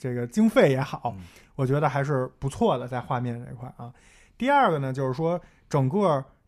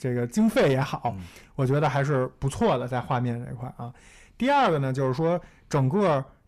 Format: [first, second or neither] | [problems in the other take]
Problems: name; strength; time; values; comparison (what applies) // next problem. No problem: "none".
first | distortion; slight; 10 dB below the speech